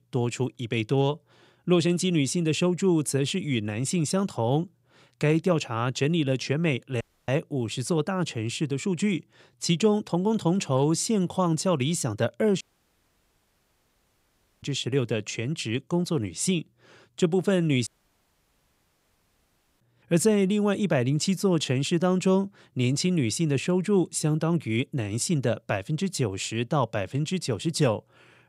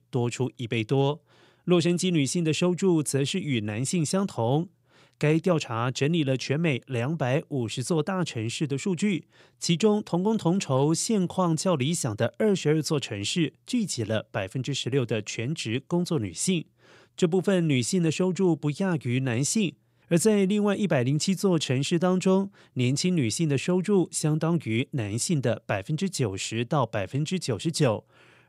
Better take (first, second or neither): second